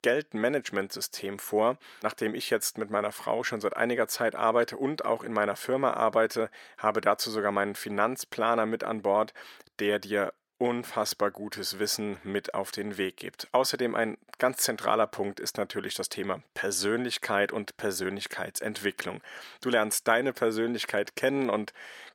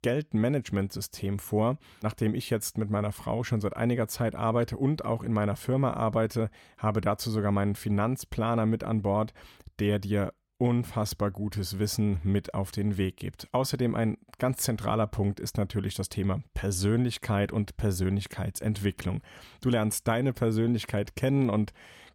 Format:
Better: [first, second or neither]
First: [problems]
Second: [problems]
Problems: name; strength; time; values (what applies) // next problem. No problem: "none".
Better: second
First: thin; somewhat; fading below 400 Hz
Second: none